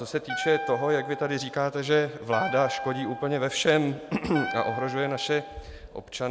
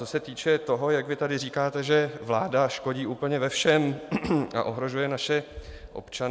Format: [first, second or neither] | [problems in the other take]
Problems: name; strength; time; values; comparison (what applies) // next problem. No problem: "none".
second | background sound (Wind instrument, woodwind instrument); 9 dB below the speech